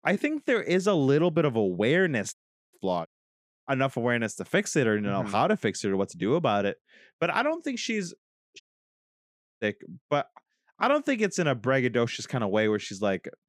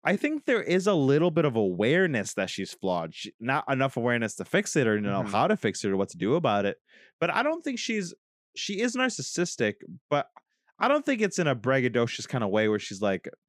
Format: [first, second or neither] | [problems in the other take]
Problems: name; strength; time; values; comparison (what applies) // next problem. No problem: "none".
second | audio cutting out; at 2.5 s, at 3 s for 0.5 s and at 8.5 s for 1 s